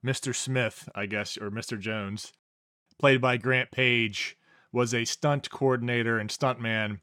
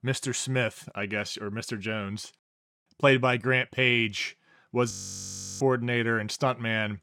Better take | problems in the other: first | audio freezing; at 5 s for 0.5 s

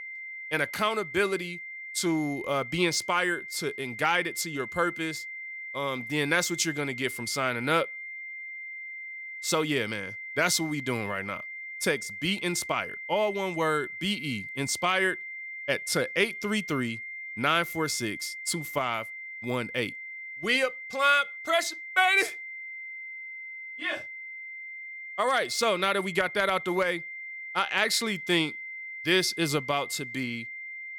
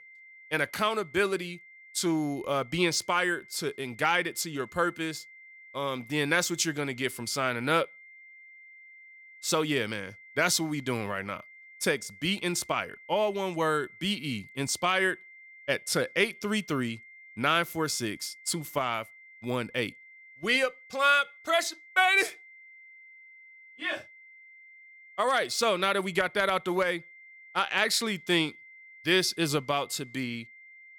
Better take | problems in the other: second | high-pitched whine; loud; throughout; 2 kHz, 9 dB below the speech; faint in the second

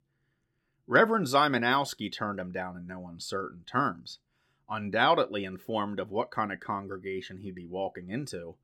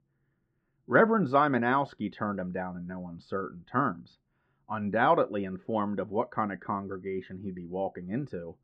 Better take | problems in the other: first | muffled; very; fading above 1.5 kHz

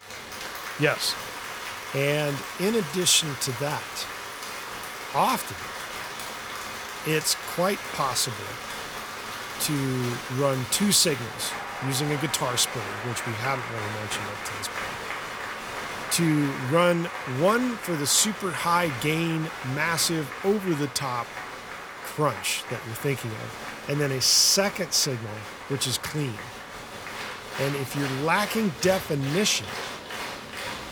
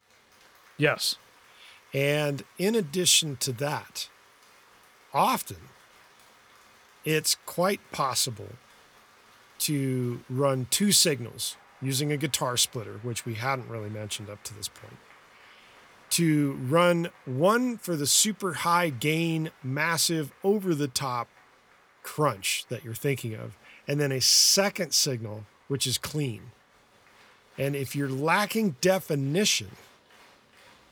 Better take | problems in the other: second | crowd noise; loud; throughout; 9 dB below the speech; faint in the second

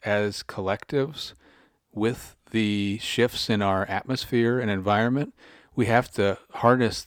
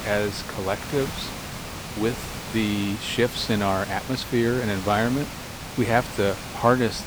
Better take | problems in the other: first | hiss; loud; throughout; 9 dB below the speech

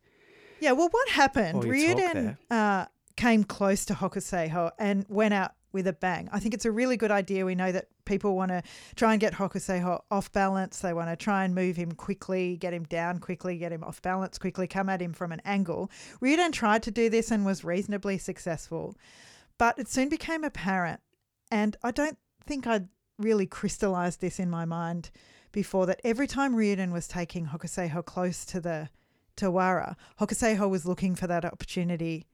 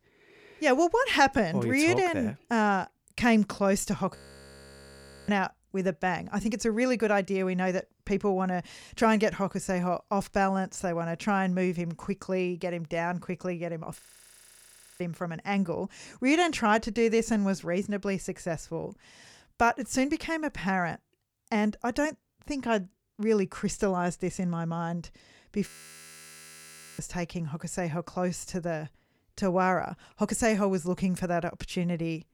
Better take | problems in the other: first | audio freezing; at 4 s for 1 s, at 14 s for 1 s and at 26 s for 1.5 s

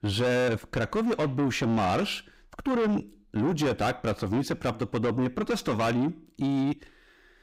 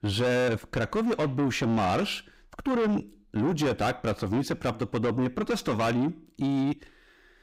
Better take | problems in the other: neither | distortion; heavy; 7 dB below the speech; the same in both

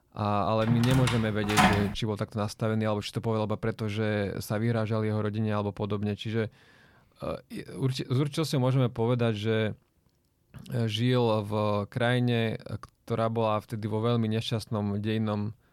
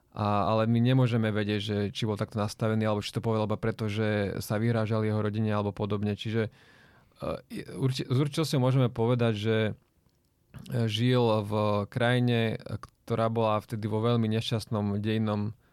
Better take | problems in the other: second | door banging; loud; from 0.5 to 2 s; peak 6 dB above the speech

